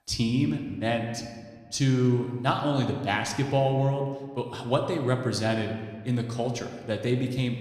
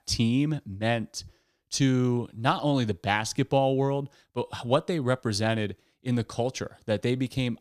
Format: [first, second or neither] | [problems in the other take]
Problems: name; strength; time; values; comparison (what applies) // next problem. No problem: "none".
second | room echo; slight; dies away in 1.3 s